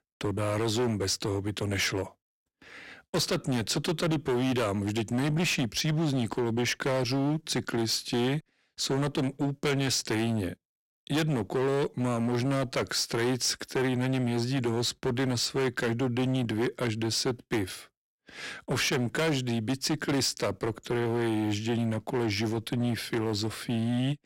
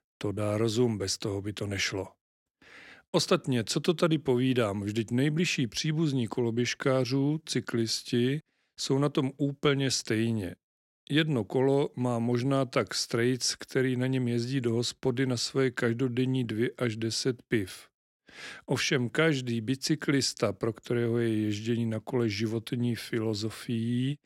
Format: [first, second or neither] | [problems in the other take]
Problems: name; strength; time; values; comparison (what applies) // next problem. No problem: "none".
second | distortion; heavy; 17% of the sound clipped